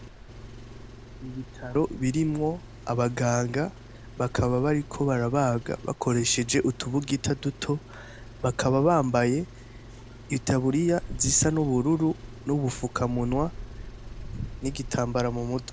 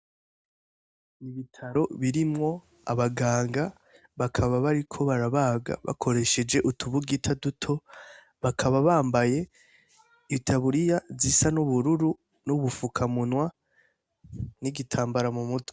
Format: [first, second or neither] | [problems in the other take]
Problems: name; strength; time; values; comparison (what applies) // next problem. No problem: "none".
second | background sound (Stream + Engine); 14 dB below the speech